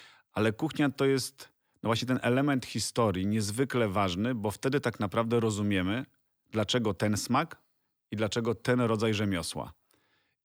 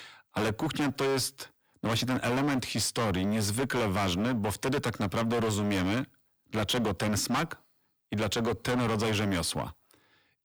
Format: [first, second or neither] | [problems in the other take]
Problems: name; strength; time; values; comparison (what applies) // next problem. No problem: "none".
first | distortion; heavy; 24% of the sound clipped